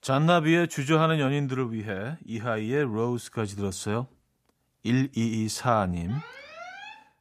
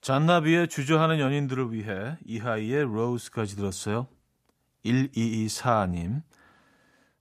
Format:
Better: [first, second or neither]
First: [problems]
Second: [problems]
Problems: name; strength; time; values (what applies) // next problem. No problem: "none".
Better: second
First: alarm; faint; at 6 s; peak 15 dB below the speech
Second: none